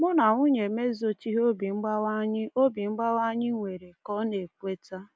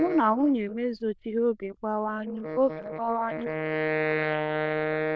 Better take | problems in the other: first | noise reduction (neural diffusion model UNIVERSE++)

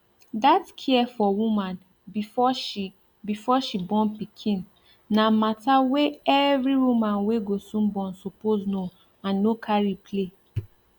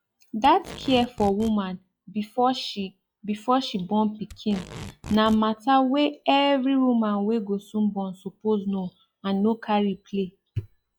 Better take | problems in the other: first | noise reduction (classical method log-MMSE)

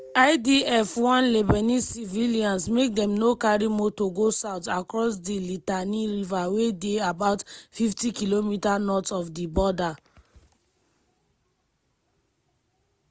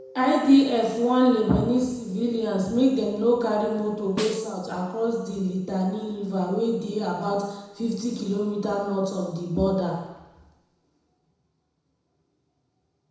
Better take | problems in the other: first | background sound (Snare drum); 13 dB below the speech // room echo; dies away in 1 s

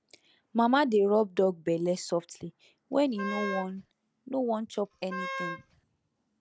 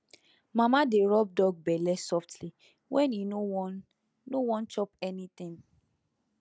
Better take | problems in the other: second | background sound (Wind instrument, woodwind instrument); 8 dB below the speech

